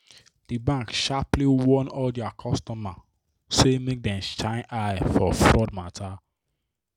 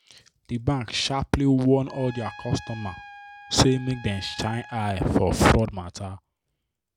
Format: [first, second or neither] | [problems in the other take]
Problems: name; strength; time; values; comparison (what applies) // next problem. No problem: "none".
first | background sound (Trumpet); 19 dB below the speech